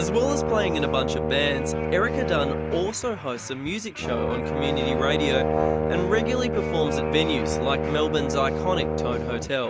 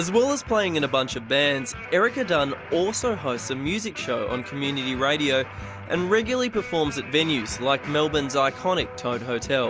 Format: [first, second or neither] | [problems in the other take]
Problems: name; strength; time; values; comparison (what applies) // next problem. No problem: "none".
second | background sound (Brass instrument); 1 dB above the speech